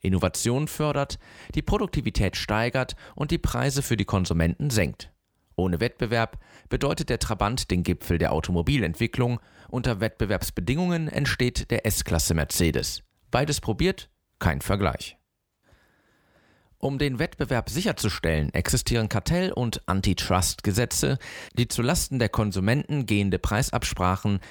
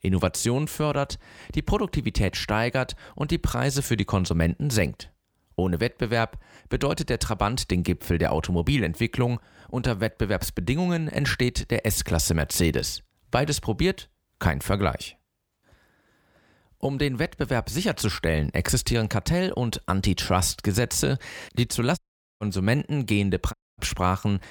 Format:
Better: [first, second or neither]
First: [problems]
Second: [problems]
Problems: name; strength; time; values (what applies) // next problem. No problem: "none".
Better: first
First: none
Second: audio cutting out; at 22 s and at 24 s